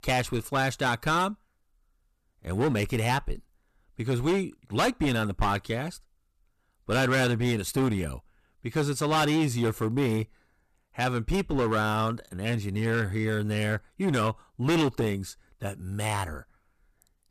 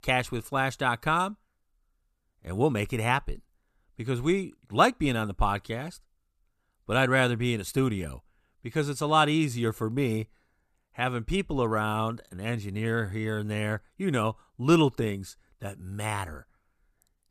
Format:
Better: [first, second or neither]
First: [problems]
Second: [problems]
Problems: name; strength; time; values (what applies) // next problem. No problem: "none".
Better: second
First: distortion; heavy; 9% of the sound clipped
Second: none